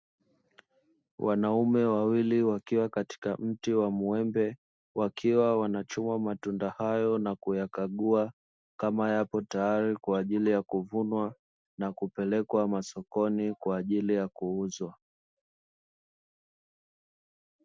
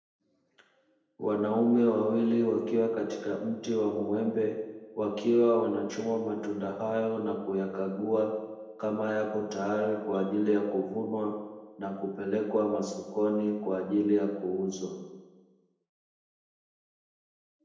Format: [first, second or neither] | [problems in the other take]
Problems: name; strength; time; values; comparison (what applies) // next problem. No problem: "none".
first | room echo; dies away in 0.9 s